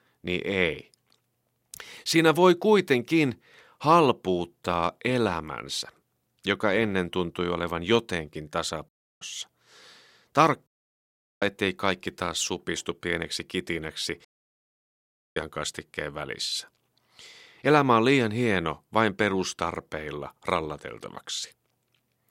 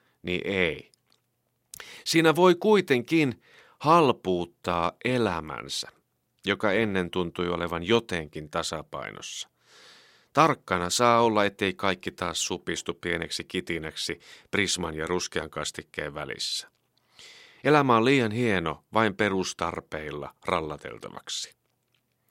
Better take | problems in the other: second | audio cutting out; at 9 s, at 11 s for 1 s and at 14 s for 1 s

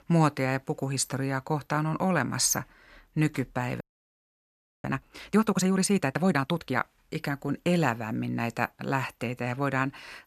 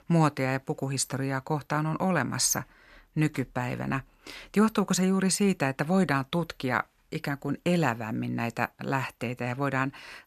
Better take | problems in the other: second | audio freezing; at 4 s for 1 s

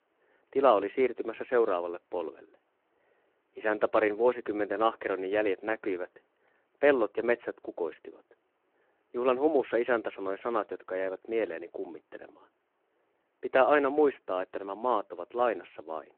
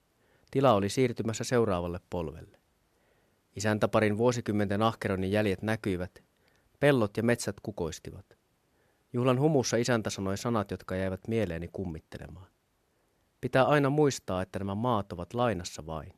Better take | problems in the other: second | phone-call audio

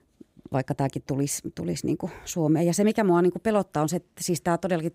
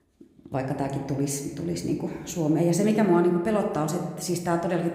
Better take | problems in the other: first | room echo; slight; dies away in 1 s

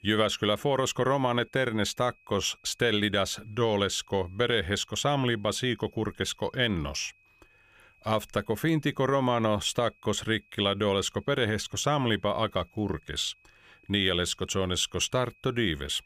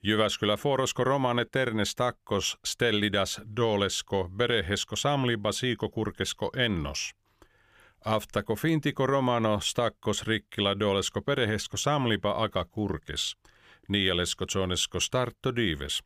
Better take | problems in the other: second | high-pitched whine; faint; throughout; 2.5 kHz, 30 dB below the speech

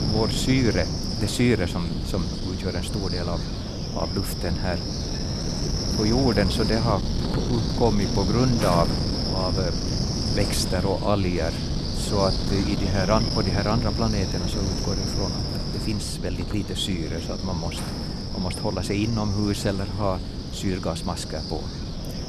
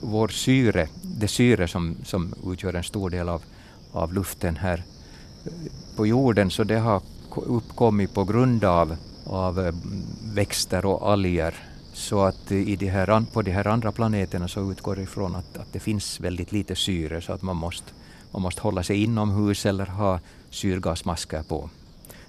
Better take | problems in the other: second | wind noise on the microphone; heavy; 3 dB below the speech; occasional gusts in the second

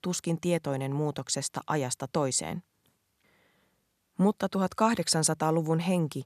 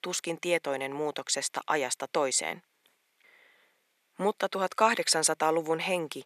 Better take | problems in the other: first | thin; somewhat; fading below 450 Hz

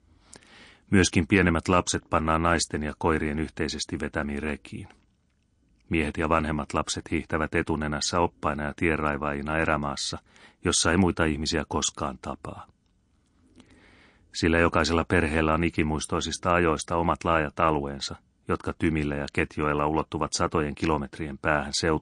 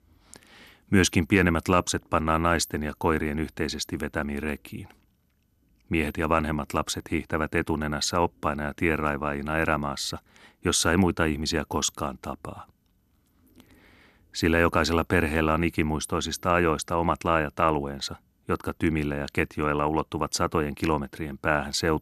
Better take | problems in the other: second | garbled, watery; slightly; nothing above 8.5 kHz

